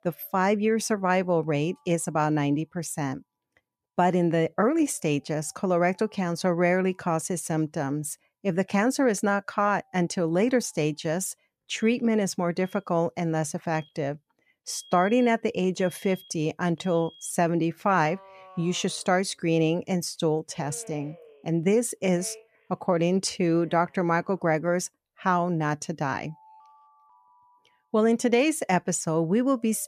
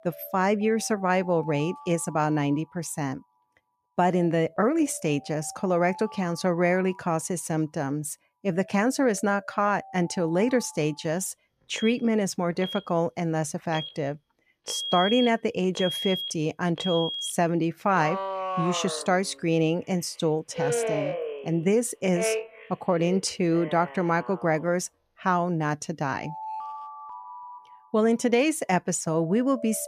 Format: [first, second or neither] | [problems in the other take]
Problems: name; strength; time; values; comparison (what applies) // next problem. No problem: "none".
first | alarms or sirens; loud; throughout; 9 dB below the speech; faint in the first